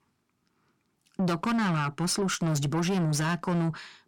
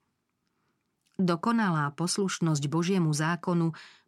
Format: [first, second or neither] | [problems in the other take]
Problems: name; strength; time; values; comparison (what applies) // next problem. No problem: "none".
second | distortion; slight; 9 dB below the speech